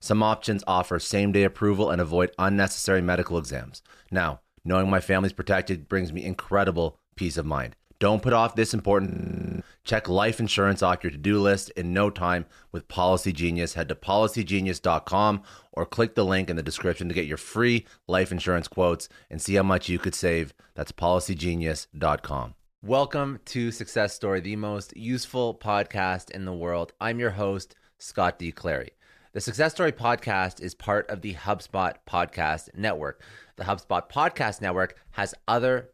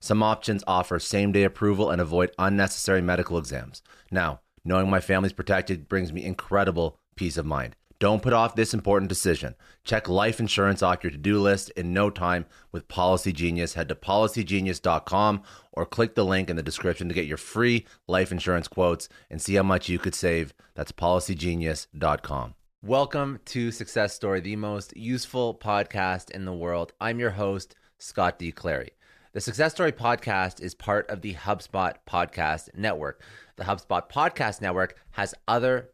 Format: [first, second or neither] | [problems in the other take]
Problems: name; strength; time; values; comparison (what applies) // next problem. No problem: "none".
second | audio freezing; at 9 s for 0.5 s